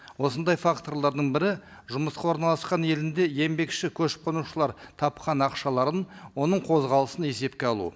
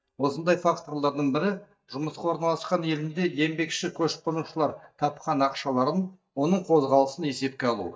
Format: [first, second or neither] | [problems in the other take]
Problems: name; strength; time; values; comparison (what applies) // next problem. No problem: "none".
first | noise reduction (neural mask model DeepFilterNet 3)